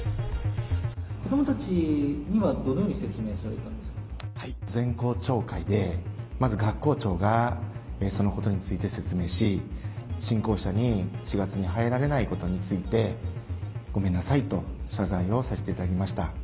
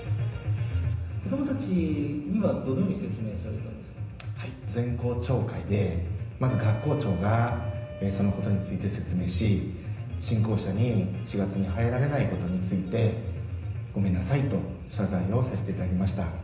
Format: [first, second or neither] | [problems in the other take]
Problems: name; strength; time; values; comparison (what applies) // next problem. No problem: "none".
first | background sound (Wind instrument, woodwind instrument); 16 dB below the speech // room echo; dies away in 0.9 s